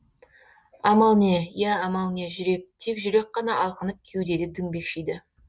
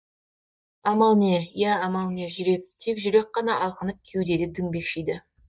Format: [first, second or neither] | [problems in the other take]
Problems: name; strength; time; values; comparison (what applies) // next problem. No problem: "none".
first | noise reduction (neural mask model DeepFilterNet 3)